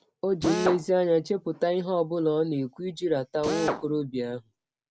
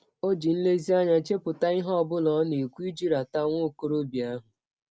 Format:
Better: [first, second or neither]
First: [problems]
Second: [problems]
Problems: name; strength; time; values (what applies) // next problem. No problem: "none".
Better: second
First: background sound (Drill); 10 dB below the speech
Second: none